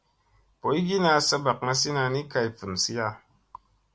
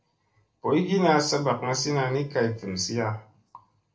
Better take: first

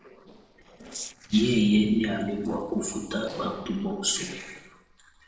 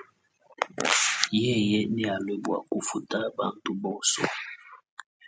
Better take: second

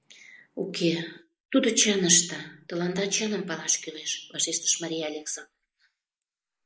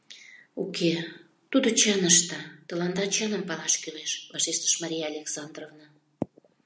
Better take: second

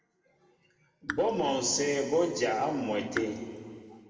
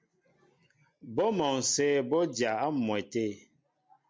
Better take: second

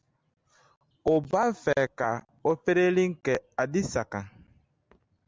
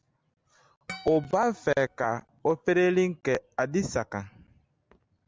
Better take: first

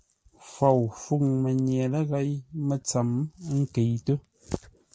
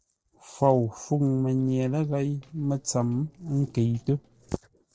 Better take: first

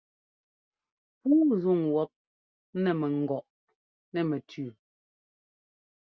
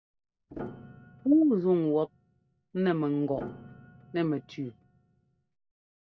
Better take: first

